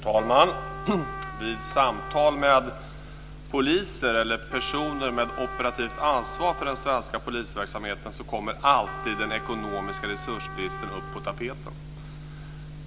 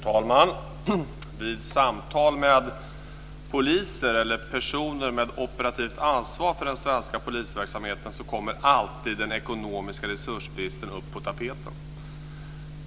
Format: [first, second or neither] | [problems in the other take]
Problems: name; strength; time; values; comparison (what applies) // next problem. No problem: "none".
second | background sound (Trumpet); 13 dB below the speech